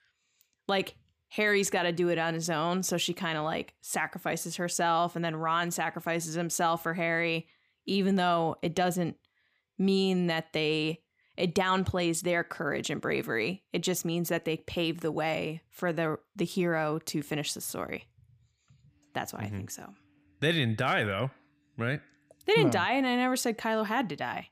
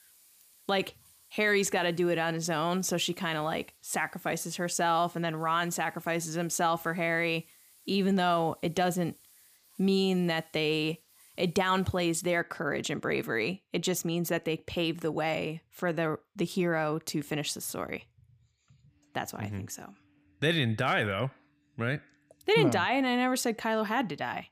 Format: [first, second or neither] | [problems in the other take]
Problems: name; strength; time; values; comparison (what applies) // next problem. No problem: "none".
first | hiss; faint; until 12 s; 25 dB below the speech